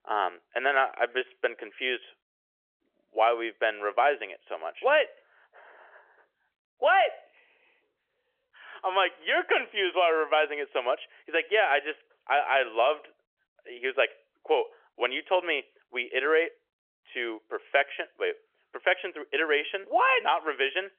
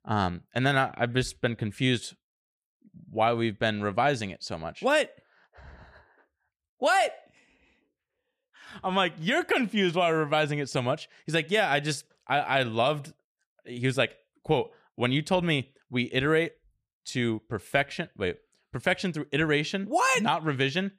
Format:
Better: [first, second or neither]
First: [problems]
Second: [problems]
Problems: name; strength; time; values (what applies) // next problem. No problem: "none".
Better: second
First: phone-call audio; nothing above 3.5 kHz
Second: none